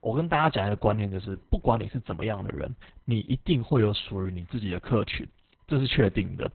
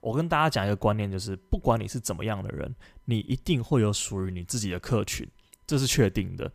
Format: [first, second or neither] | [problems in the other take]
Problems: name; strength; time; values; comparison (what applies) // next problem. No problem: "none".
second | garbled, watery; badly; nothing above 4 kHz